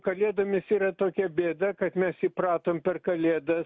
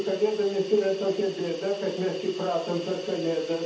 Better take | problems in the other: first | background sound (Hiss); 17 dB below the speech // room echo; dies away in 0.7 s

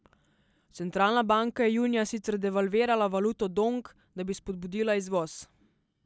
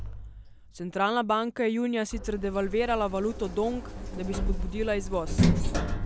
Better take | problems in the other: first | background sound (Sliding door); 1 dB below the speech

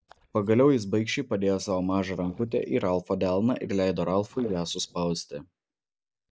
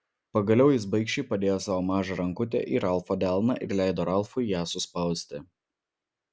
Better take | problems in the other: second | noise reduction (neural mask model DeepFilterNet 3)

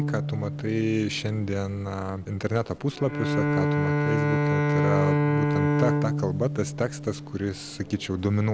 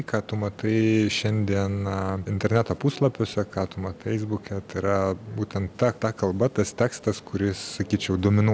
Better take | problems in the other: second | background sound (Bowed string instrument); 2 dB above the speech

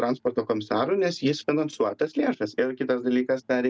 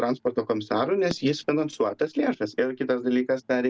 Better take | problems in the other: first | background sound (Fireworks); 20 dB below the speech

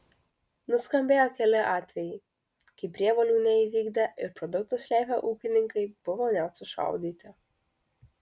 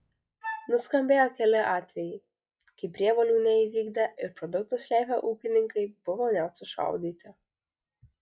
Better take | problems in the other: first | noise reduction (classical method log-MMSE)

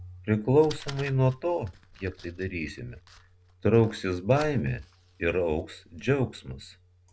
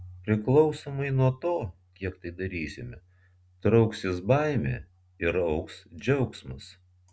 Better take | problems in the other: second | background sound (Fire); 20 dB below the speech

